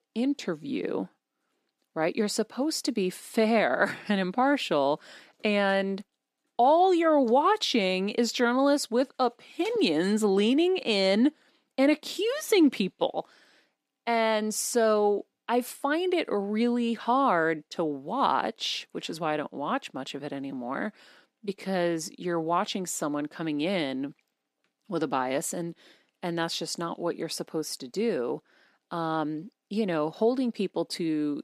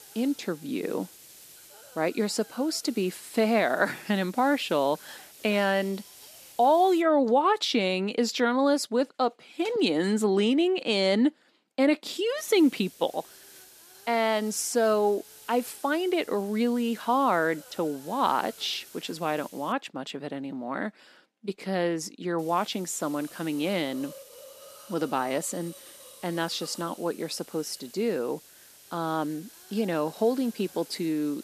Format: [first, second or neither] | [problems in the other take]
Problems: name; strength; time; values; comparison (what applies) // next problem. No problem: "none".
first | hiss; faint; until 7 s, from 12 to 20 s and from 22 s on; 20 dB below the speech